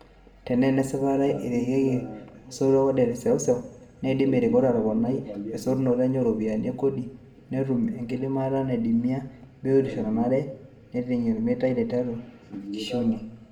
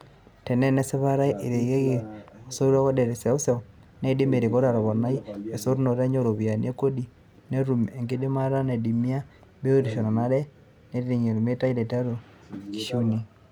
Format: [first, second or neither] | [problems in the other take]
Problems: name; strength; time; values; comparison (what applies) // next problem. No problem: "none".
second | room echo; dies away in 0.7 s